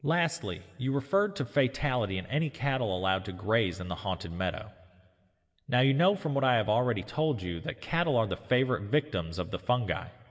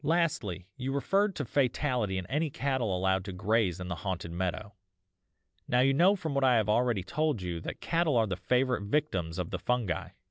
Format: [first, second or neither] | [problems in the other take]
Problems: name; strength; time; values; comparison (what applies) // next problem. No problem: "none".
second | room echo; dies away in 1.2 s